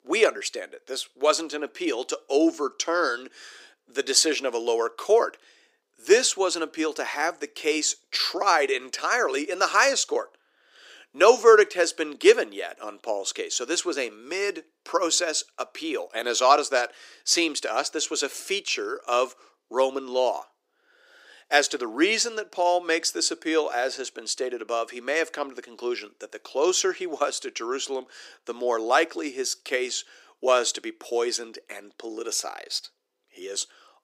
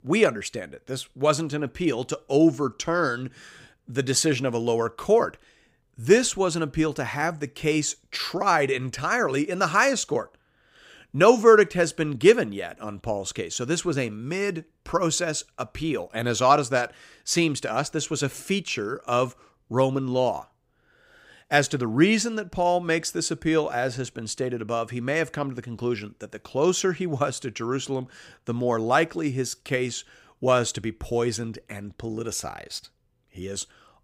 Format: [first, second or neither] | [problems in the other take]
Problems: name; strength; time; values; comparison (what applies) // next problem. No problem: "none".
second | thin; somewhat; fading below 350 Hz